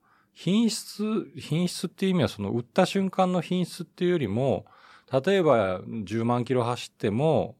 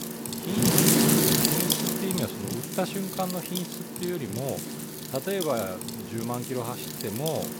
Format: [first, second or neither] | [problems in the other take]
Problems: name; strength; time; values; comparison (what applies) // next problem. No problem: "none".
first | wind noise on the microphone; heavy; 4 dB above the speech